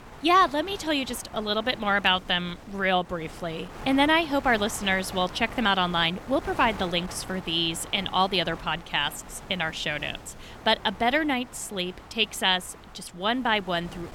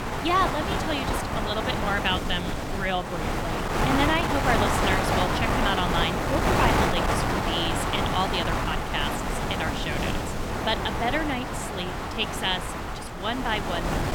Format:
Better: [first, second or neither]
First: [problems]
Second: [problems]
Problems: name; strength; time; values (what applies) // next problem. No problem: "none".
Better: first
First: wind noise on the microphone; occasional gusts; 20 dB below the speech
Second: wind noise on the microphone; heavy; 1 dB above the speech